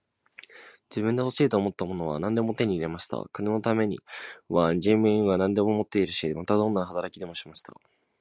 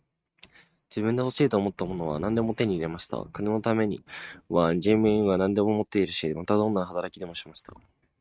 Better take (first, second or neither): first